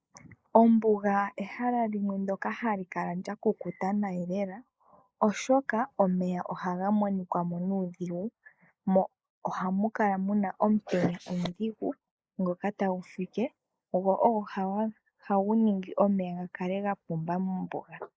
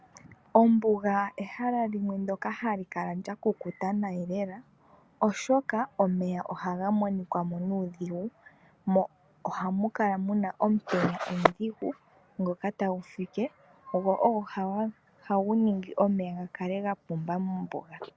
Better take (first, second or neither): second